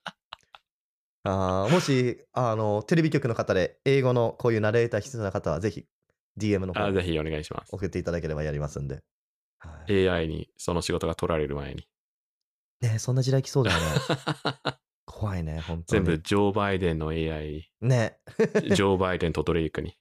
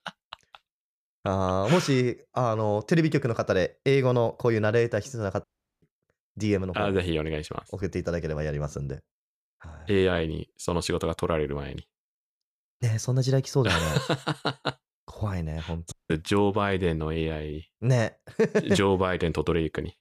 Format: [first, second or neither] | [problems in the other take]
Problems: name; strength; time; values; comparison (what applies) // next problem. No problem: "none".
first | audio cutting out; at 5.5 s and at 16 s